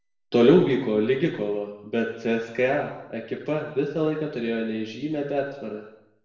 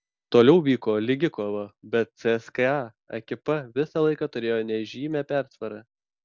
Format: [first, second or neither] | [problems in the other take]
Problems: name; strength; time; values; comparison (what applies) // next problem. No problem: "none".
second | room echo; dies away in 0.8 s